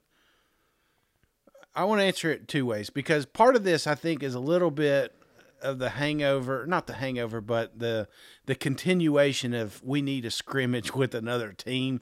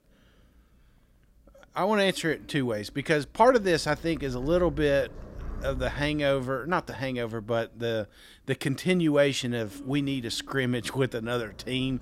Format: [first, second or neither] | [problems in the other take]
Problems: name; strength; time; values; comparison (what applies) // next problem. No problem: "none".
first | animal sounds; noticeable; throughout; 20 dB below the speech